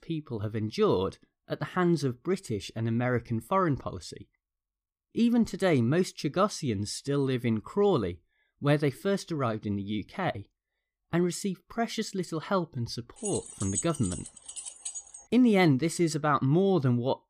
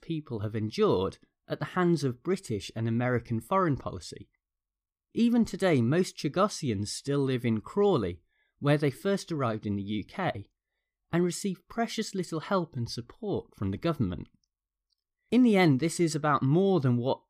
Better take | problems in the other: second | jangling keys; noticeable; from 13 to 15 s; peak 4 dB below the speech

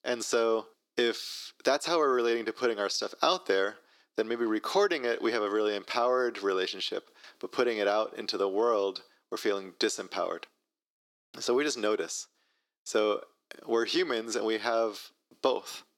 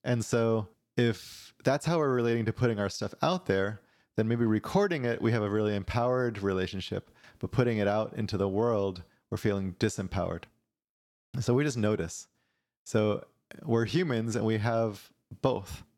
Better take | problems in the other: second | thin; somewhat; fading below 350 Hz

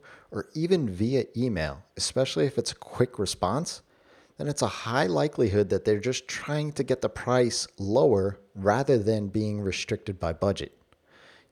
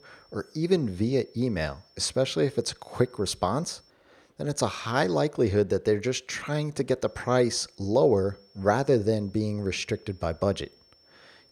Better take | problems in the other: first | high-pitched whine; faint; until 4 s and from 7 s on; 5.5 kHz, 30 dB below the speech

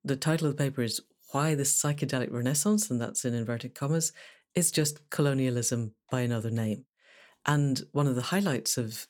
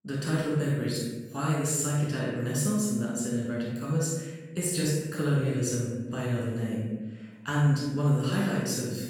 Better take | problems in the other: first | off-mic speech; far // room echo; strong; dies away in 1.1 s

